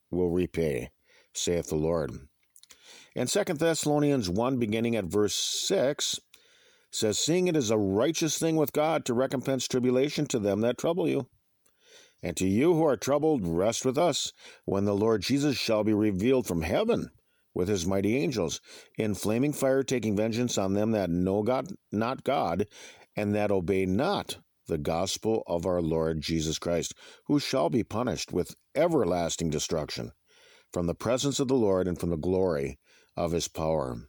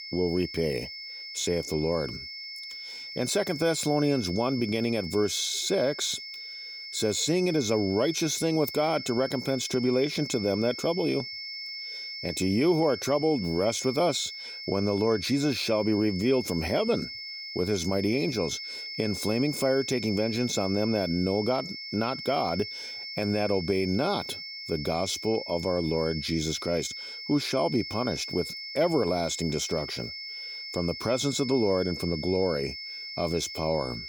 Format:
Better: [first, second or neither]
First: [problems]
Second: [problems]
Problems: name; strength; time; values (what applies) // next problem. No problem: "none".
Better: first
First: none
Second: high-pitched whine; loud; throughout; 5.5 kHz, 8 dB below the speech